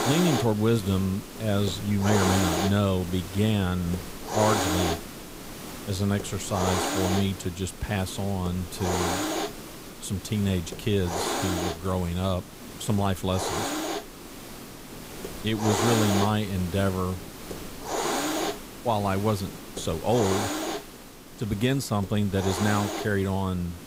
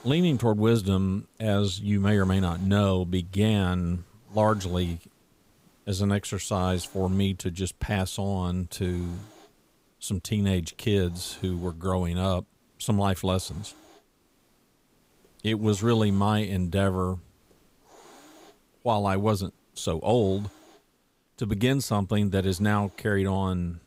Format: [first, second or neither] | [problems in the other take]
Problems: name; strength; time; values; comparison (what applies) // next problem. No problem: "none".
second | hiss; loud; throughout; 4 dB below the speech; faint in the second